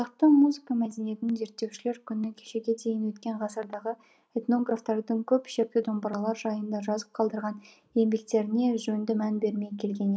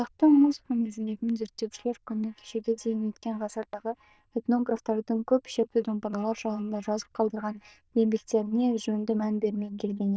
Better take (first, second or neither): first